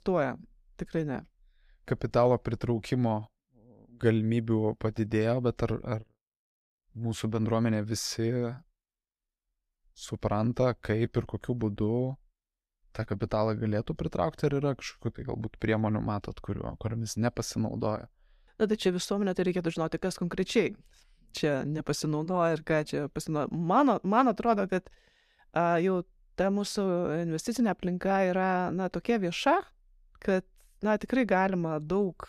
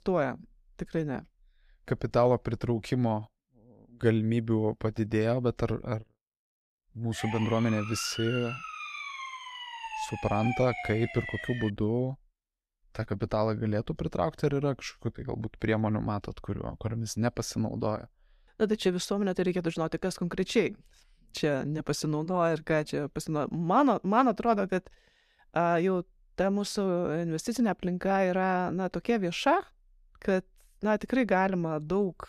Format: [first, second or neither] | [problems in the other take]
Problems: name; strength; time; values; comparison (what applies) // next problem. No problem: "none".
first | siren; noticeable; from 7 to 12 s; peak 5 dB below the speech